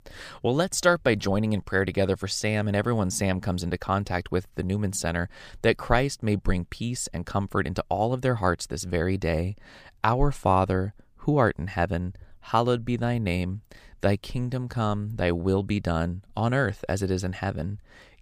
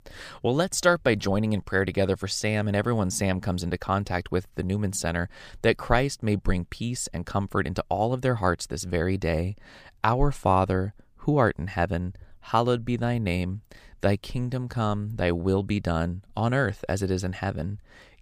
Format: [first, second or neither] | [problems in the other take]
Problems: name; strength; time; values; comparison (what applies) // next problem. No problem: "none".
neither | none